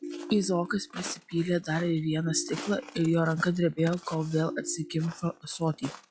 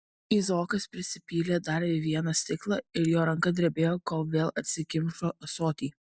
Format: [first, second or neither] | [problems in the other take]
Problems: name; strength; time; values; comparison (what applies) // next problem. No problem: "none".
second | noise reduction (classical method log-MMSE)